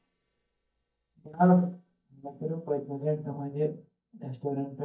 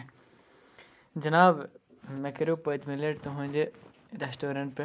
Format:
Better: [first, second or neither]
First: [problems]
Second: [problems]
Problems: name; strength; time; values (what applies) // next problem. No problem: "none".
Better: second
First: noise reduction (neural mask model DeepFilterNet 3)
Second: none